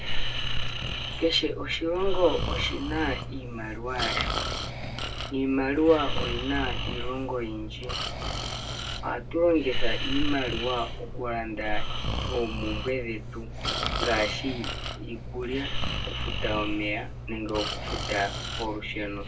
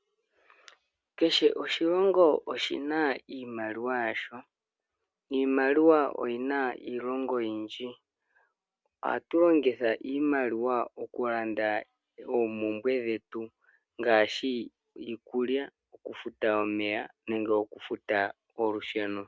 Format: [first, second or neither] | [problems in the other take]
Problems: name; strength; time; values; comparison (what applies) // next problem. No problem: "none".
second | background sound (Breathing); as loud as the speech // room echo; dies away in 0.1 s